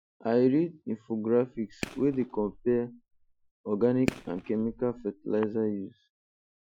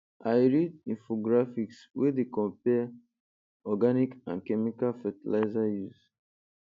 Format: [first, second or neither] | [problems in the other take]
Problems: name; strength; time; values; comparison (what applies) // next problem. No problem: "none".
second | noise reduction (classical method Wiener filter)